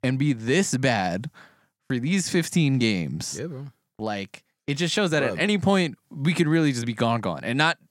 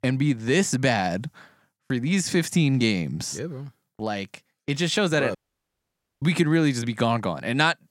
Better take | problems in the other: first | audio cutting out; at 5.5 s for 1 s

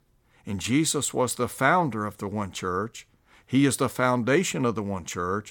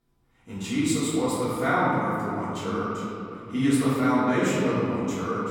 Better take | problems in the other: first | off-mic speech; far // room echo; strong; dies away in 2.6 s

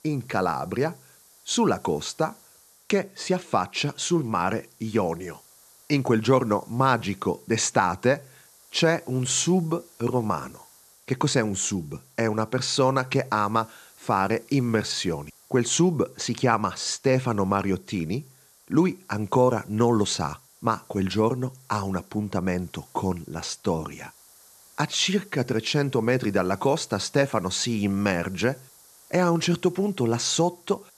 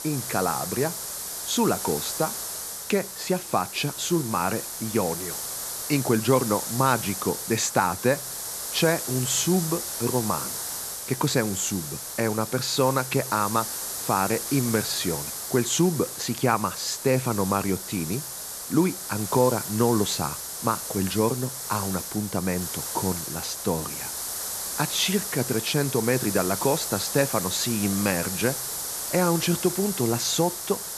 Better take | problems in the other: first | hiss; loud; throughout; 5 dB below the speech; faint in the first

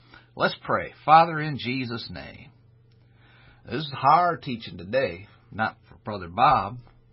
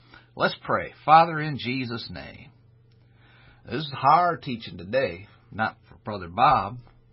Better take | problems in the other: neither | garbled, watery; badly; nothing above 5.5 kHz; the same in both

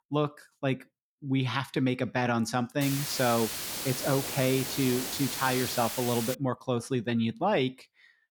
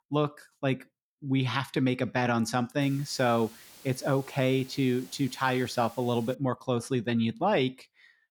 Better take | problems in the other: second | hiss; loud; from 3 to 6.5 s; 4 dB below the speech; faint in the second

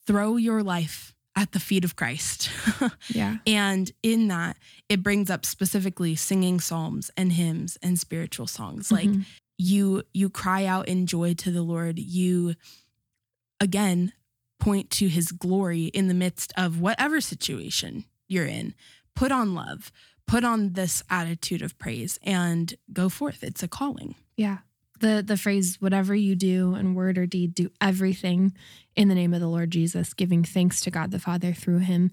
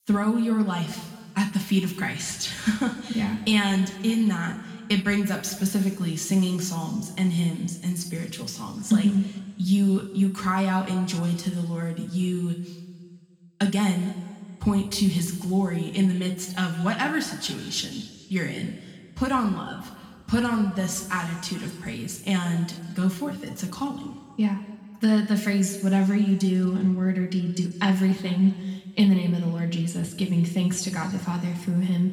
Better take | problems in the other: first | room echo; noticeable; dies away in 1.6 s // off-mic speech; somewhat distant

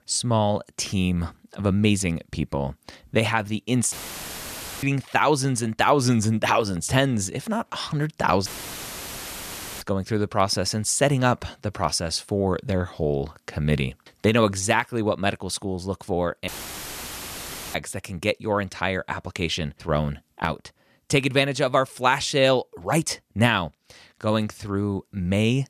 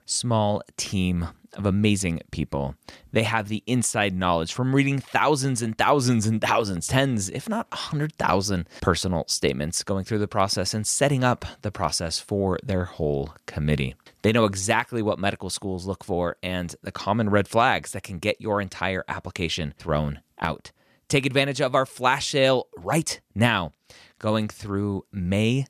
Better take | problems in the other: second | audio cutting out; filled with static; at 4 s for 1 s, at 8.5 s for 1.5 s and at 16 s for 1.5 s

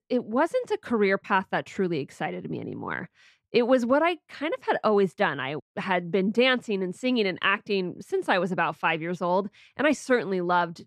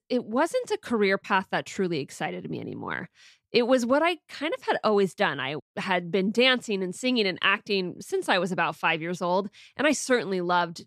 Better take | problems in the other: second | muffled; very slightly; fading above 3 kHz

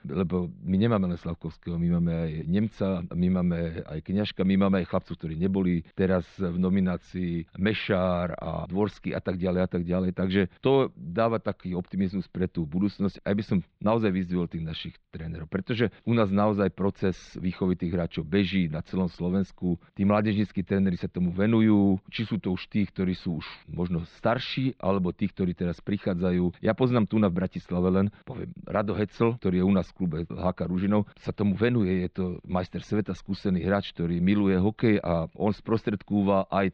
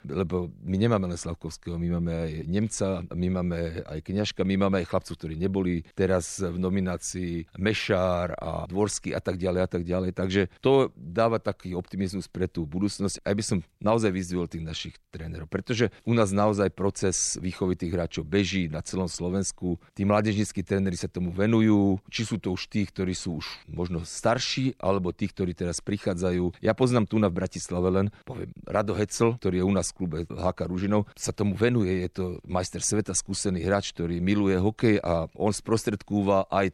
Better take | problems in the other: second | muffled; slightly; fading above 4 kHz

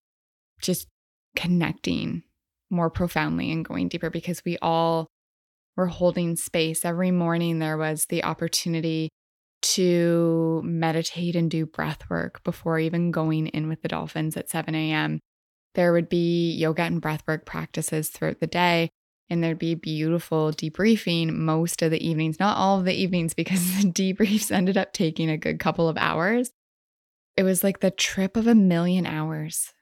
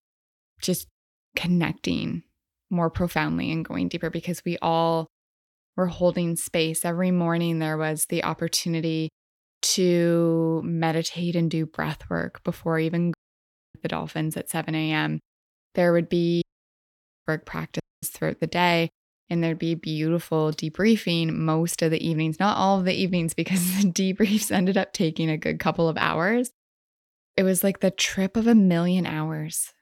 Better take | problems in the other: first | audio cutting out; at 13 s for 0.5 s, at 16 s for 1 s and at 18 s

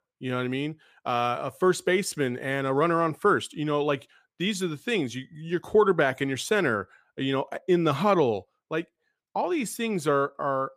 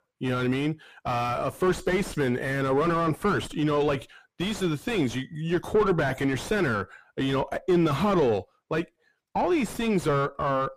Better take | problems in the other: first | distortion; heavy; 4 dB below the speech

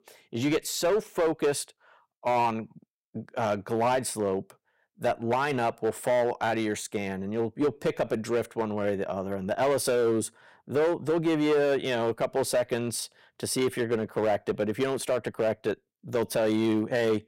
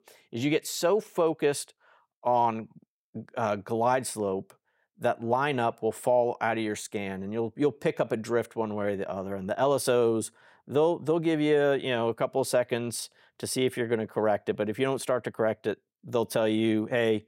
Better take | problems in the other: second | distortion; slight; 8% of the sound clipped

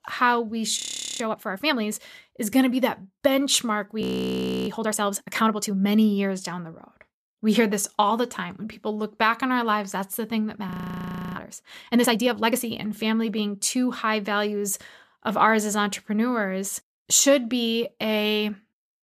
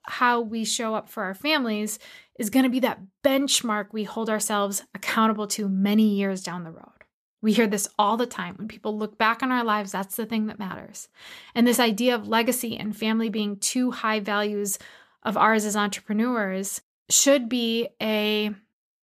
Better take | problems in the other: second | audio freezing; at 1 s, at 4 s for 0.5 s and at 11 s for 0.5 s

